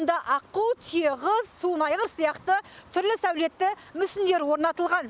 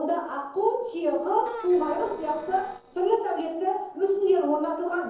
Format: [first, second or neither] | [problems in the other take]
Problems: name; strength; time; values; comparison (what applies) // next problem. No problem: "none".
first | noise reduction (neural separator model SepFormer DNS4)